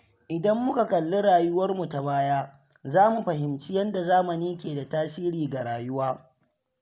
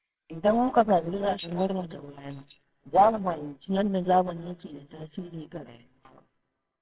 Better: first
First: none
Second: noise reduction (neural separator model SepFormer WHAMR!)

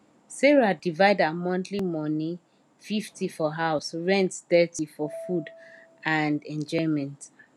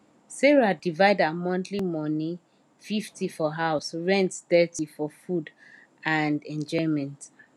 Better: second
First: background sound (Piano); 19 dB below the speech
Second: none

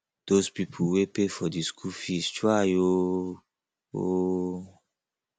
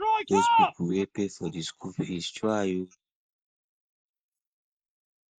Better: first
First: none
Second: noise reduction (neural mask model Resemble Enhance denoiser)

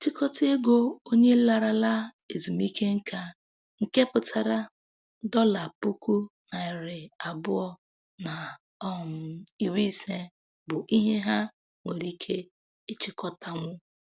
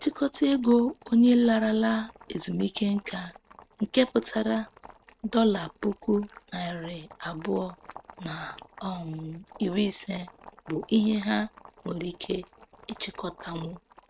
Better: first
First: none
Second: noise reduction (neural mask model RNNoise)

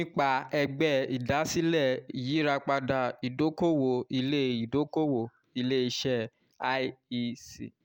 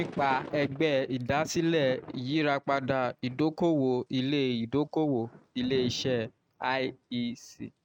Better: first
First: none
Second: noise reduction (neural mask model RNNoise)

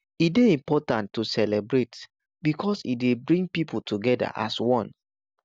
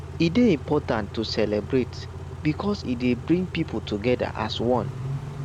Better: first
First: none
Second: background sound (Idling / Accelerating, revving, vroom / Car); 9 dB below the speech

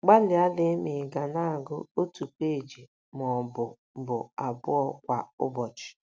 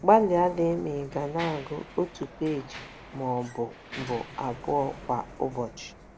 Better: first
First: none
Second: background sound (Mechanisms + Sliding door); 16 dB below the speech

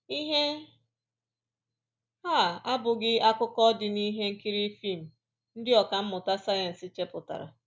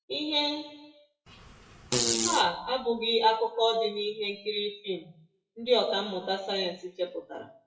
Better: first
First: none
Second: noise reduction (classical method WPE with log-MMSE)

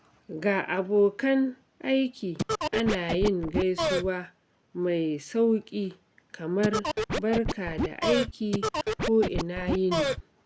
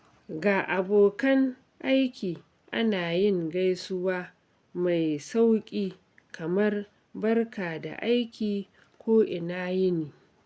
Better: second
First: background sound (Scratching (performance technique)); 1 dB below the speech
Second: none

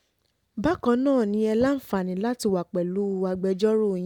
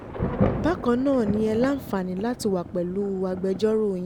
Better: first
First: none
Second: background sound (Thunder / Rain); 6 dB below the speech

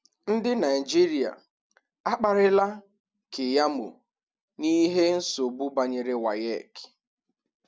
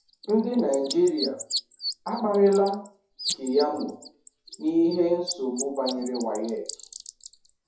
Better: first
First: none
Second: noise reduction (classical method WPE with log-MMSE)

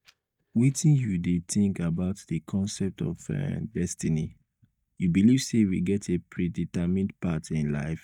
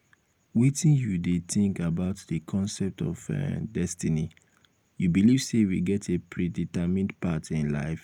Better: second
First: noise reduction (neural mask model DeepFilterNet 3)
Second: none

